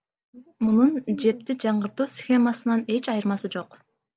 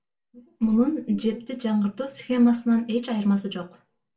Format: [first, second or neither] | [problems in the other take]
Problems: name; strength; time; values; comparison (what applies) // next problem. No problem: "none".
first | room echo; dies away in 0.2 s